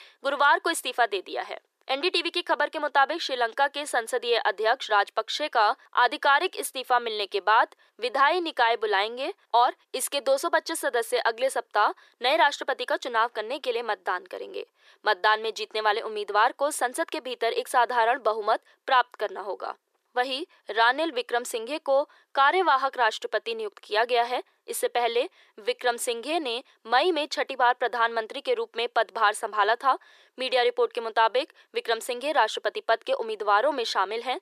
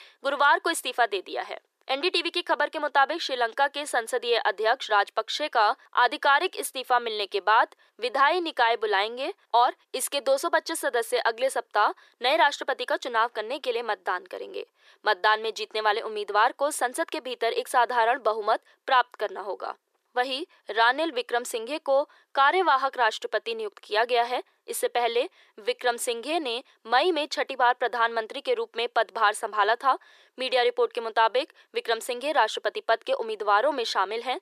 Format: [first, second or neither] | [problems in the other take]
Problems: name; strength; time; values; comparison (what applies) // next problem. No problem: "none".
neither | thin; very; fading below 400 Hz; the same in both